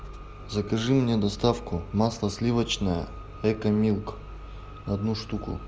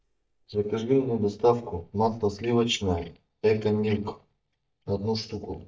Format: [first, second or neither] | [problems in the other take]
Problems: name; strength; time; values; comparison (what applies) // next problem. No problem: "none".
first | noise reduction (neural mask model DeepFilterNet 3)